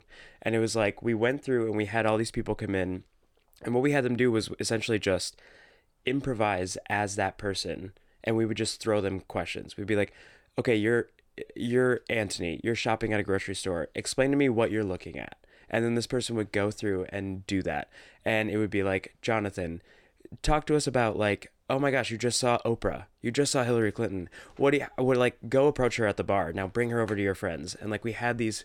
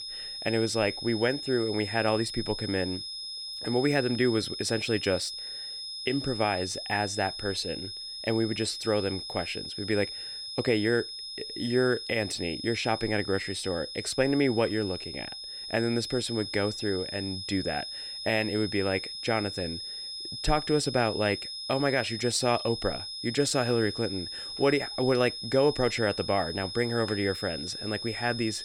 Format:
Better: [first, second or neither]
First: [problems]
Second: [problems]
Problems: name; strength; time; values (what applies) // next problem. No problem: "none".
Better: first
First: none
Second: high-pitched whine; loud; throughout; 5 kHz, 6 dB below the speech